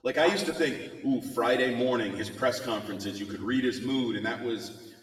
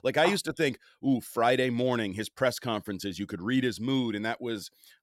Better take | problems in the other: second | room echo; noticeable; dies away in 1.1 s // off-mic speech; far

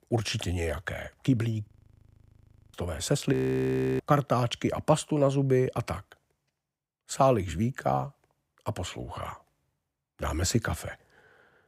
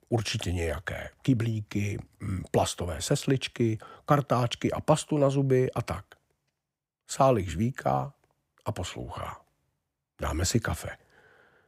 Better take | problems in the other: second | audio freezing; at 1.5 s for 1 s and at 3.5 s for 0.5 s

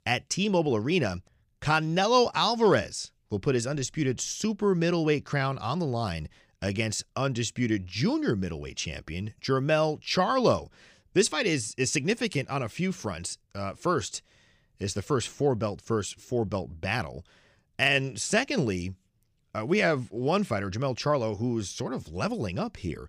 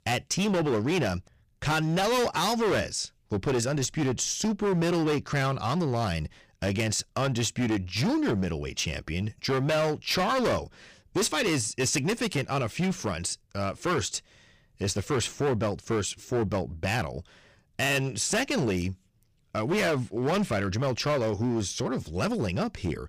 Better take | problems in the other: first | distortion; heavy; 16% of the sound clipped

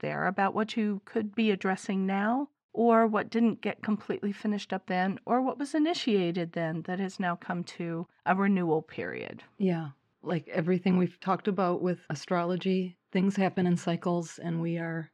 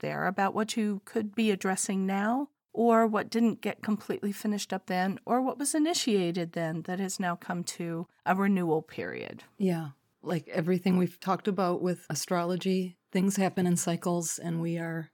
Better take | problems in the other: second | muffled; slightly; fading above 3 kHz

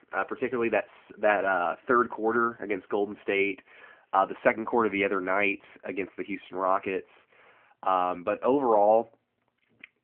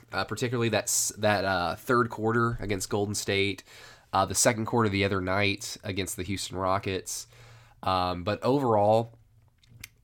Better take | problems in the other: second | phone-call audio

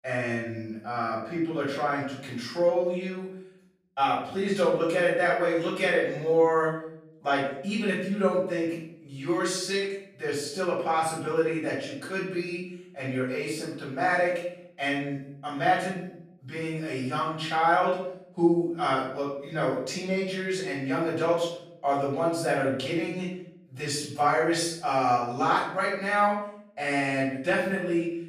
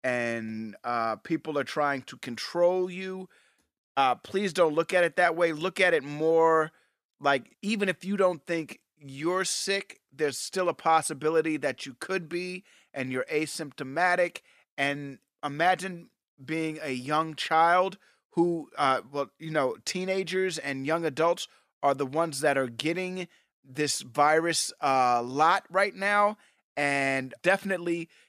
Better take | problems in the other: second | off-mic speech; far // room echo; noticeable; dies away in 0.7 s

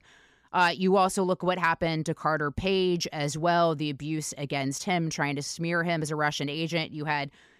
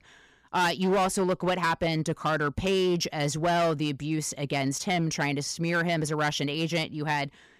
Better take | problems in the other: first | distortion; slight; 9% of the sound clipped

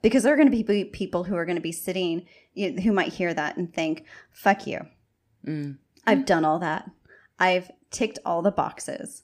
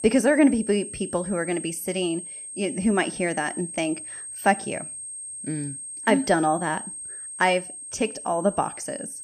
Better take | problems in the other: first | high-pitched whine; loud; throughout; 8.5 kHz, 9 dB below the speech

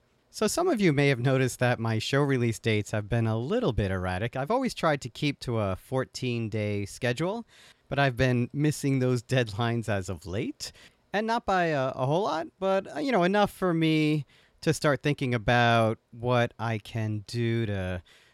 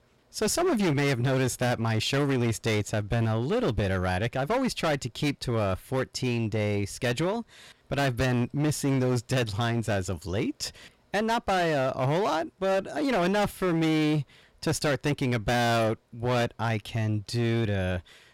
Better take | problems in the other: first | distortion; heavy; 18% of the sound clipped

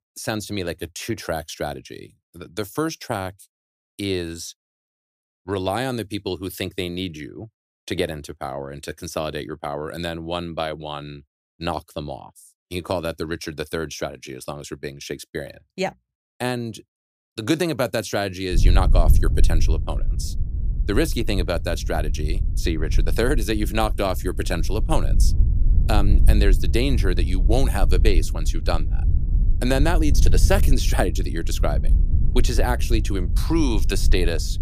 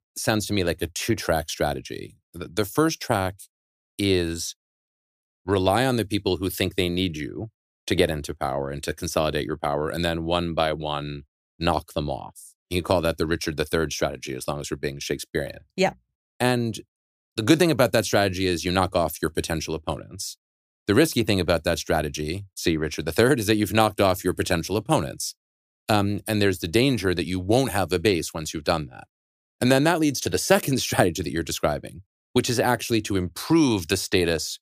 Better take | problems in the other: second | wind noise on the microphone; occasional gusts; from 19 s on; 15 dB below the speech

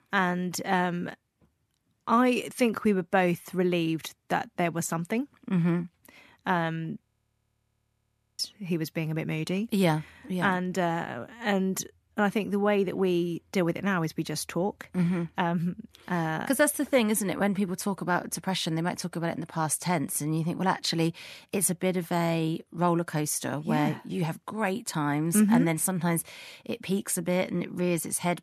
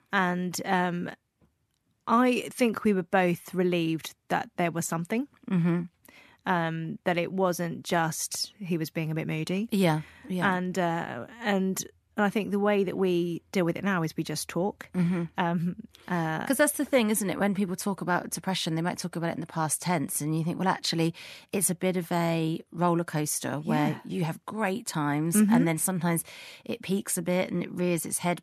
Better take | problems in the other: second | audio freezing; at 7 s for 1.5 s

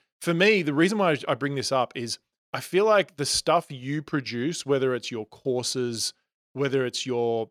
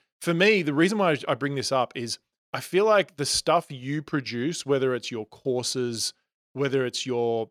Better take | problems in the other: neither | none

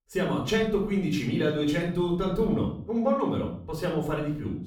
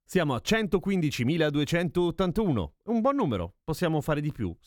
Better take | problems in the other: second | off-mic speech; far // room echo; noticeable; dies away in 0.5 s

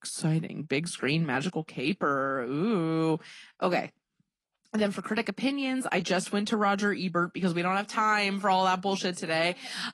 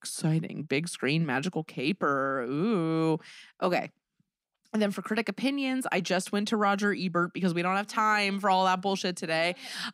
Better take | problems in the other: second | garbled, watery; slightly

